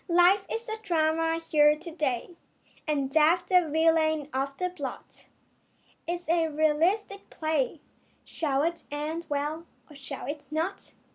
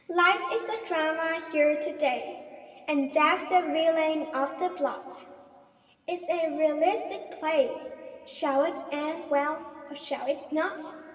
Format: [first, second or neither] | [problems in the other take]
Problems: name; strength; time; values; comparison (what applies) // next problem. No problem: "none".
first | room echo; dies away in 2.7 s